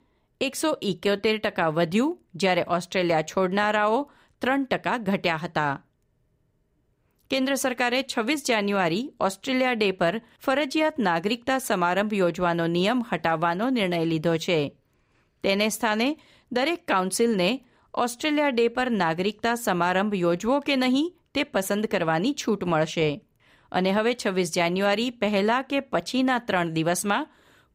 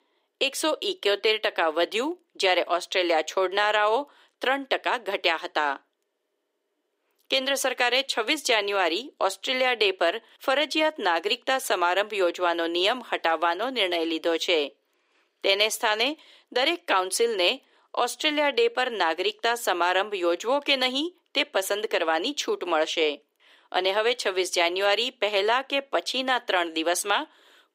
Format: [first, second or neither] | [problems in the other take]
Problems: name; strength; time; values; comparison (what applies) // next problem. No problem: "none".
first | thin; somewhat; fading below 300 Hz